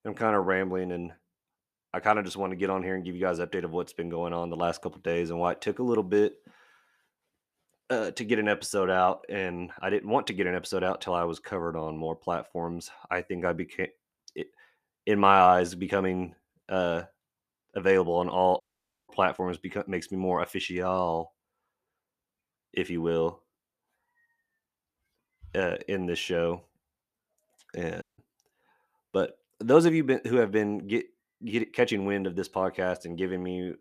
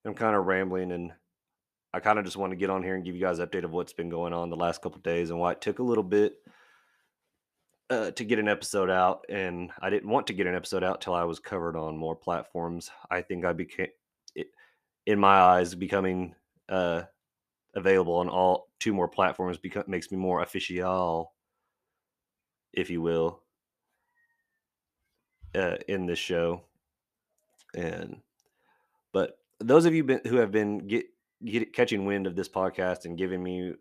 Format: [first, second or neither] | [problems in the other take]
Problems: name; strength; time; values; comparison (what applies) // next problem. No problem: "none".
second | audio cutting out; at 19 s and at 28 s